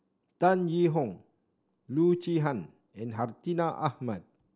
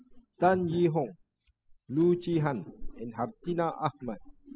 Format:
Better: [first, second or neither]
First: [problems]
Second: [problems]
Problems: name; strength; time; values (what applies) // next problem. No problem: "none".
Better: first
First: none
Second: noise reduction (classical method spectral subtraction)